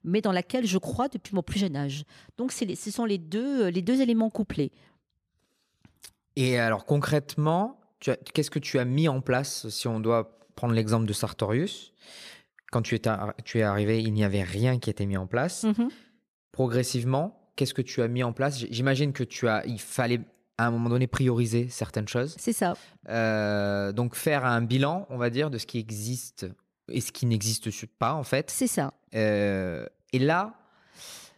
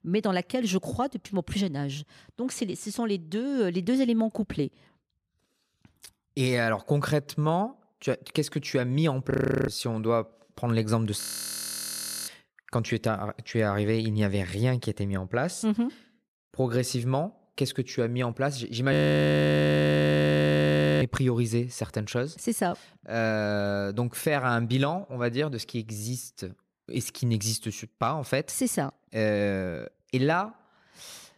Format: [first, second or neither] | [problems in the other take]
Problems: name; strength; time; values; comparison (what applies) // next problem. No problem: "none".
first | audio freezing; at 9.5 s, at 11 s for 1 s and at 19 s for 2 s